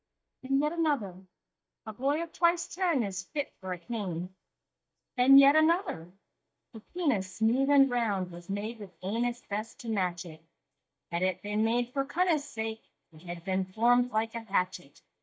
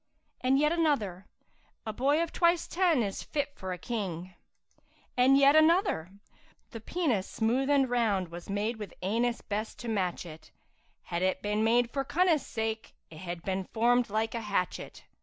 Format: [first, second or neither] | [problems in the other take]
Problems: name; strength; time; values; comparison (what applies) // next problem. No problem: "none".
second | noise reduction (neural mask model DeepFilterNet 3)